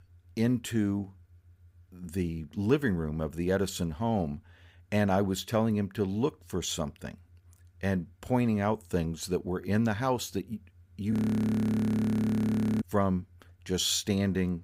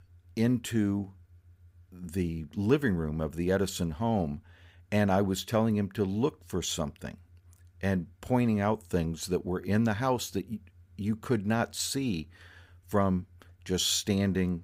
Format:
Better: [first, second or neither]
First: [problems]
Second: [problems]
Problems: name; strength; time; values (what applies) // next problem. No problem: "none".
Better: second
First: audio freezing; at 11 s for 1.5 s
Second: none